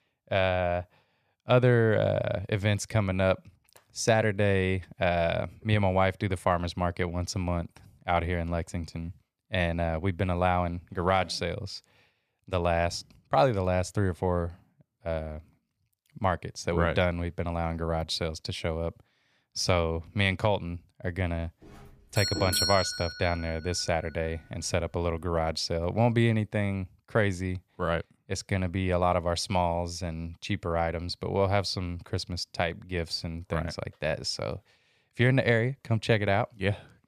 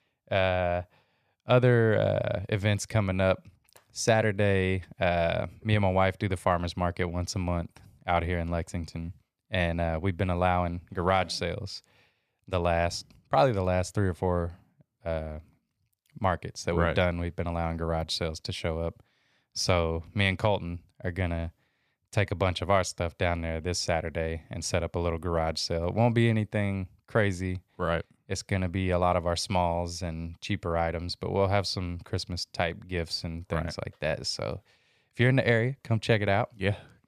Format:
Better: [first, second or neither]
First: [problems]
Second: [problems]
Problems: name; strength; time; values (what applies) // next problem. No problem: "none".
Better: second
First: doorbell; loud; from 22 to 23 s; peak 2 dB above the speech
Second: none